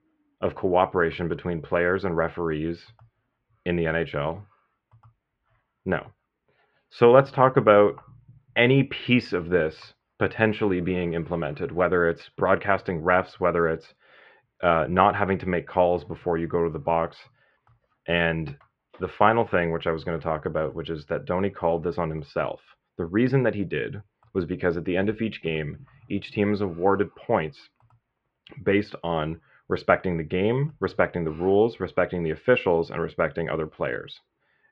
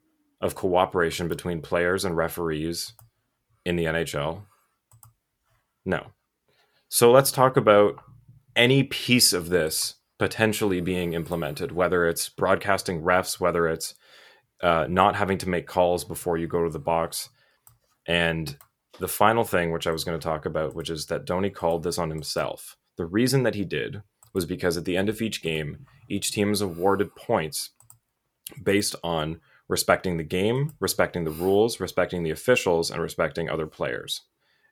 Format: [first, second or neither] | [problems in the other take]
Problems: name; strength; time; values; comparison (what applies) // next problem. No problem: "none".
second | muffled; very; fading above 2.5 kHz